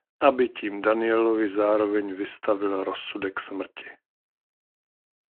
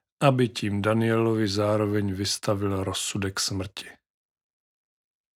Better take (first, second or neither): second